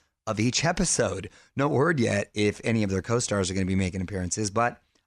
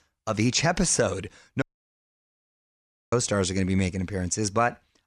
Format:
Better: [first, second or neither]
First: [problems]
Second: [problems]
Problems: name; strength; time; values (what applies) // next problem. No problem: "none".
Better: first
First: none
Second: audio cutting out; at 1.5 s for 1.5 s